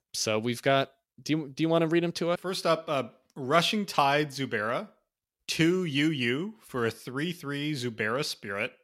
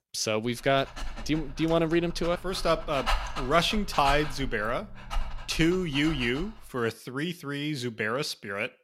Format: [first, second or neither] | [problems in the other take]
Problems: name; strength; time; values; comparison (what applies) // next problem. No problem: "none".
first | dog barking; noticeable; from 1 to 6.5 s; peak 2 dB below the speech